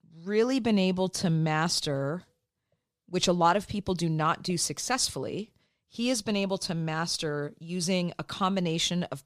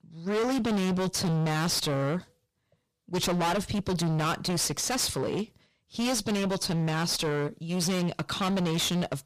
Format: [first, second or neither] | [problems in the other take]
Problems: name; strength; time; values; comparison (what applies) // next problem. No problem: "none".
first | distortion; heavy; 31% of the sound clipped